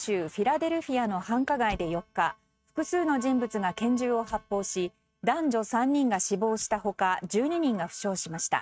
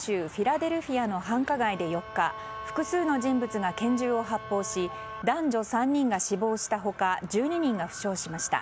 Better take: second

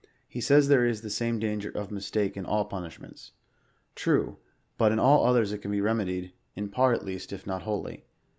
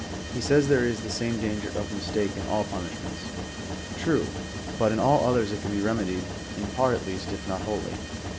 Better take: first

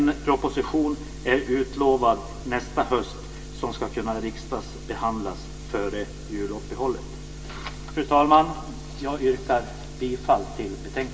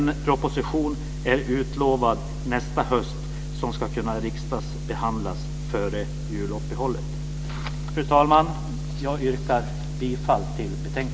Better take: second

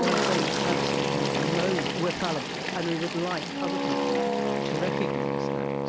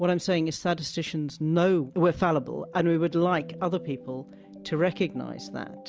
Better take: second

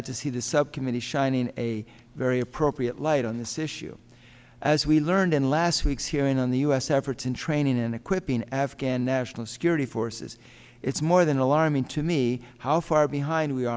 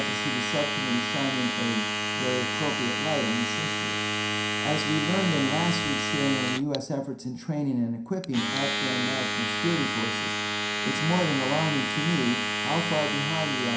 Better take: first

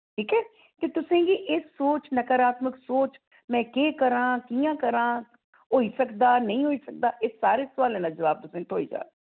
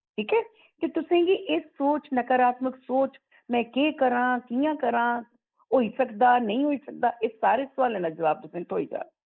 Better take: first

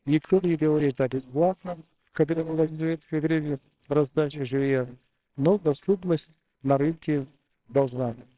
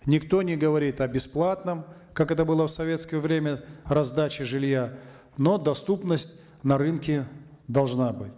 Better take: second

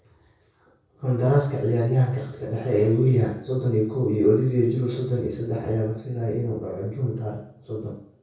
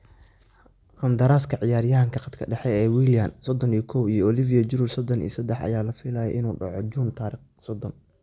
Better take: second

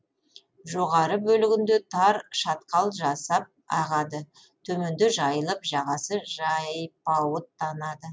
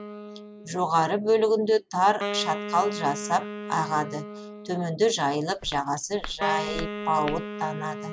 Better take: first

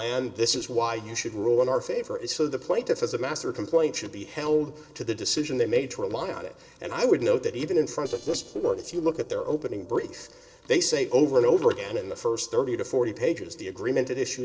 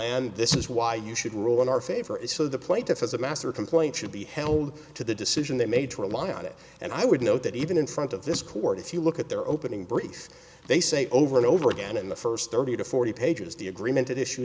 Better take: second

